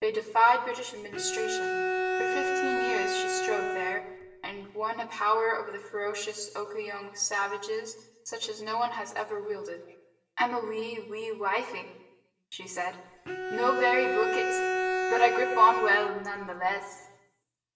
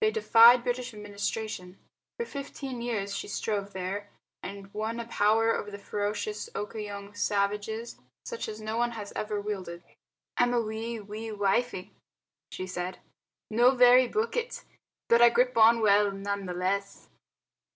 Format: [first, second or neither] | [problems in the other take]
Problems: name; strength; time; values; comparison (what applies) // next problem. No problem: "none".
second | background sound (Bowed string instrument); as loud as the speech // room echo; dies away in 1 s